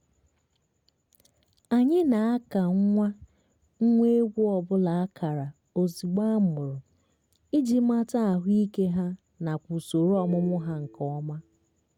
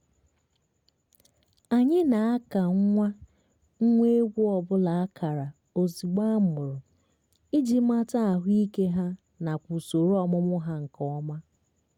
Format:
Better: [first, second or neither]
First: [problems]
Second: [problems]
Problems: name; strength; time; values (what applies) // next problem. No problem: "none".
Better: second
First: background sound (Telephone); 19 dB below the speech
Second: none